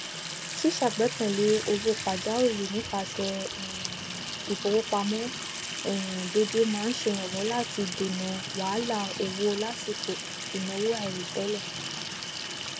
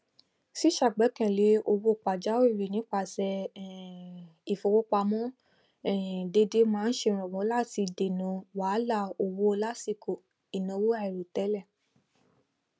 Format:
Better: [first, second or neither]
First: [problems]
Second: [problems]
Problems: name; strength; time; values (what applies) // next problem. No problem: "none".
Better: second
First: background sound (Sink (filling or washing) / Water tap, faucet); 6 dB below the speech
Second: none